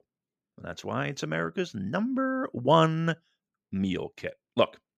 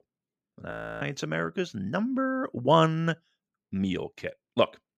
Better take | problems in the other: first | audio freezing; at 0.5 s

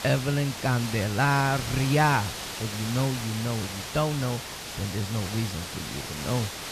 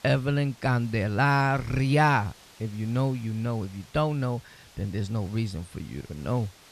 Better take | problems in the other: second | hiss; loud; throughout; 6 dB below the speech; faint in the second

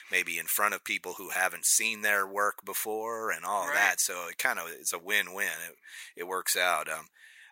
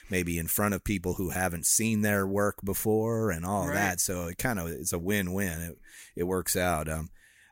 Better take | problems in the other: second | thin; very; fading below 650 Hz

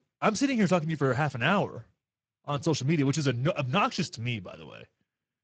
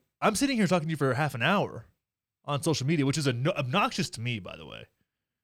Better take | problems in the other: second | garbled, watery; badly; nothing above 7.5 kHz

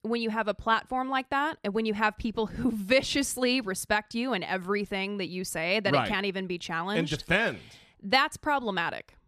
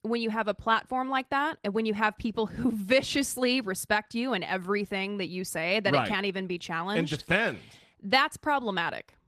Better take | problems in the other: first | garbled, watery; slightly; nothing above 14.5 kHz

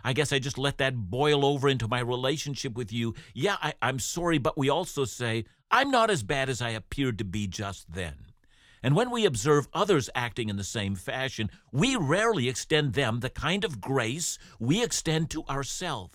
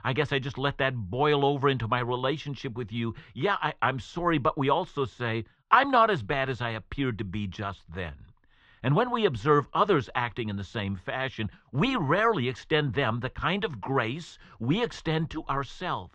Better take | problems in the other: first | muffled; very; fading above 3.5 kHz

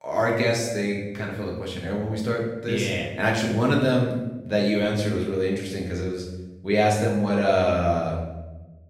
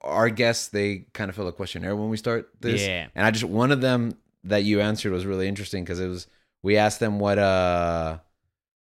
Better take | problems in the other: second | room echo; noticeable; dies away in 1 s // off-mic speech; far

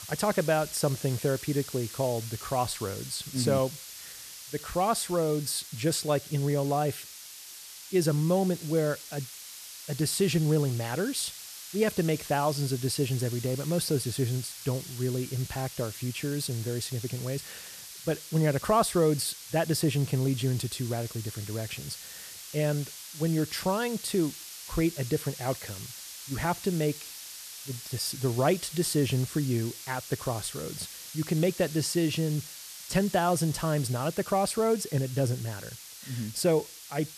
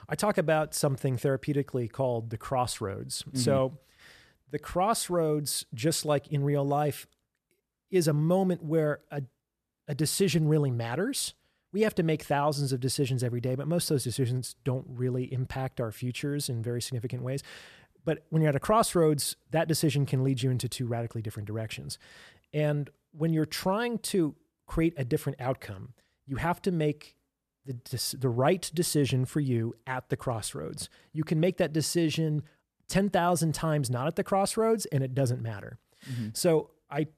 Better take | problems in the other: second | hiss; noticeable; throughout; 10 dB below the speech

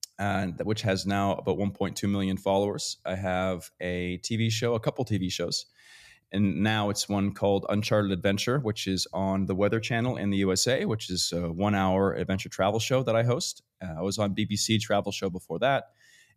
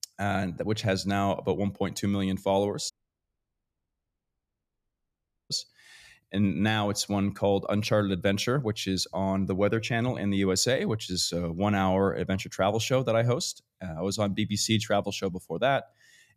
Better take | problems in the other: first | audio cutting out; at 3 s for 2.5 s

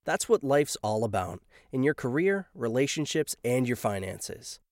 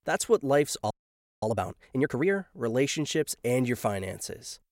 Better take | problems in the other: first | audio freezing; at 1 s for 0.5 s

